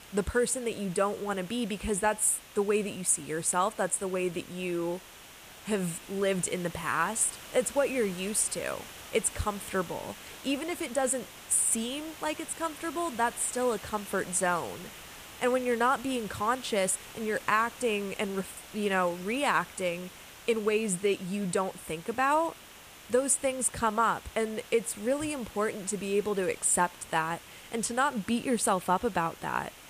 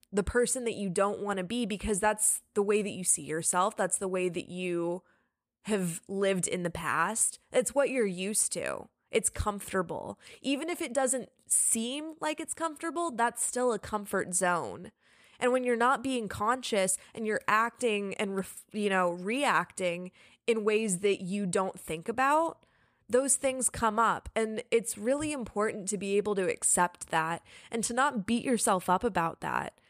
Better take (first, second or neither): second